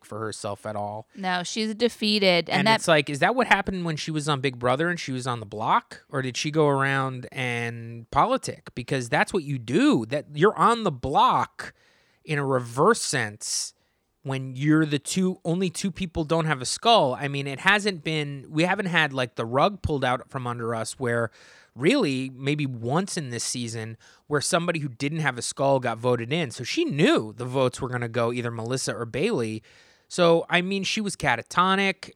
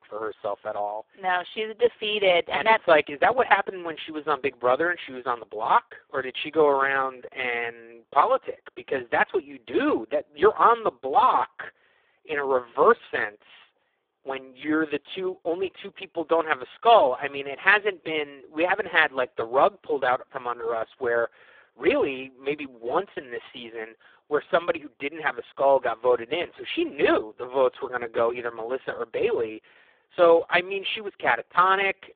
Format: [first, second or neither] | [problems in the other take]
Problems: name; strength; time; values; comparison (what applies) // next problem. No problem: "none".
first | phone-call audio; poor line